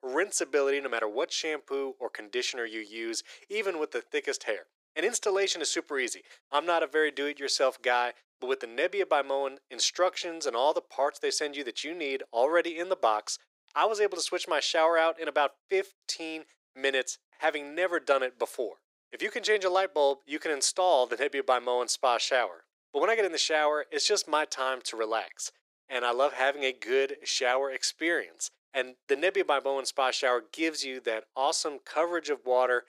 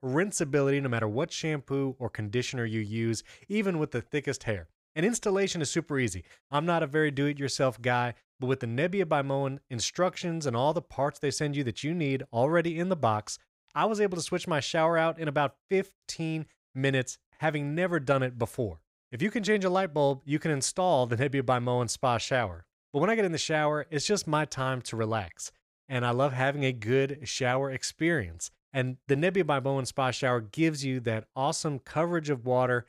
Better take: second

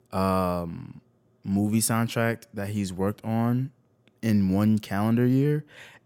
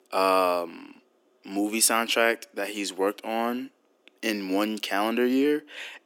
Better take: first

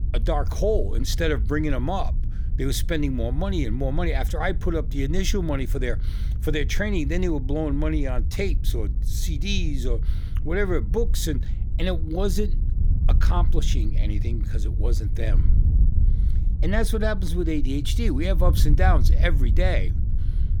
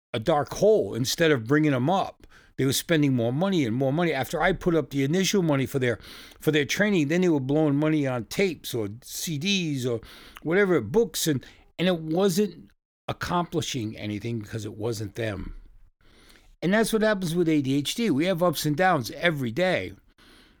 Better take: second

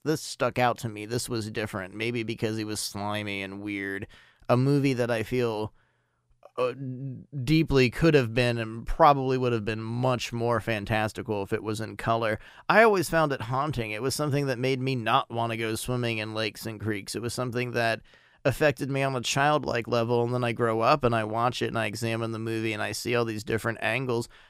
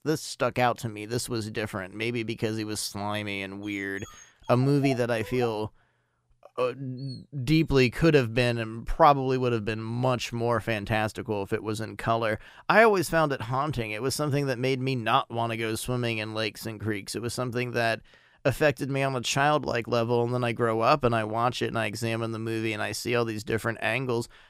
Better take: first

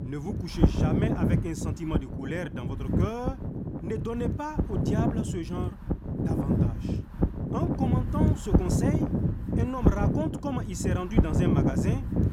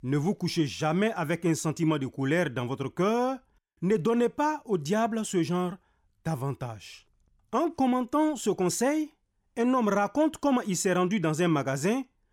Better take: second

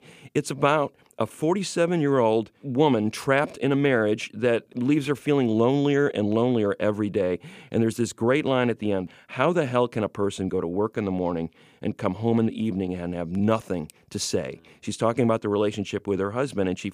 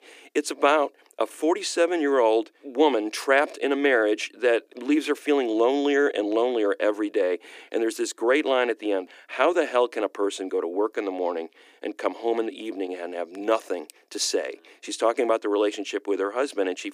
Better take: first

